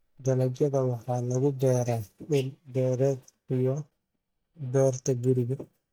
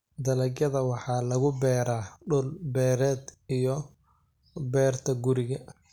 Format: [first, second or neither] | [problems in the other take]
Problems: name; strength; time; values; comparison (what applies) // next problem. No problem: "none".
second | noise reduction (neural mask model DeepFilterNet 3)